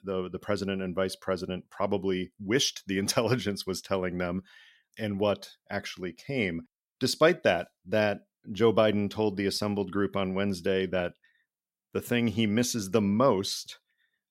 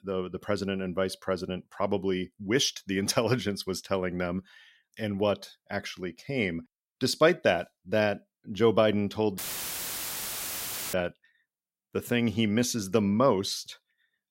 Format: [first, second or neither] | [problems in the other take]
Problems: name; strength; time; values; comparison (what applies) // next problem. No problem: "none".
first | audio cutting out; filled with static; at 9.5 s for 1.5 s